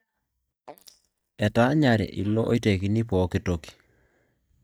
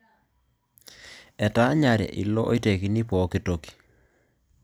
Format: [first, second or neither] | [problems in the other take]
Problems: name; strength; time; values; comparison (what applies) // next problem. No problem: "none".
second | noise reduction (neural mask model DeepFilterNet 3)